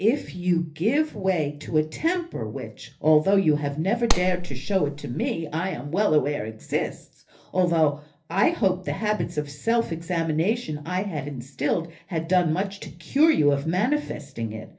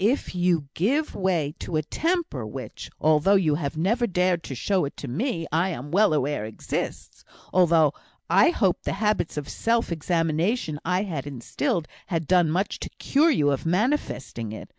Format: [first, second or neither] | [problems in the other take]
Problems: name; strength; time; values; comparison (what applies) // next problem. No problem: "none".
second | background sound (Clapping); 1 dB above the speech // room echo; dies away in 0.3 s